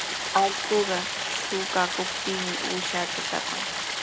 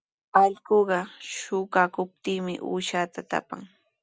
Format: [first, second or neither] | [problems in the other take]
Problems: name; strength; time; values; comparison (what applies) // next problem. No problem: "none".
second | background sound (Stream); as loud as the speech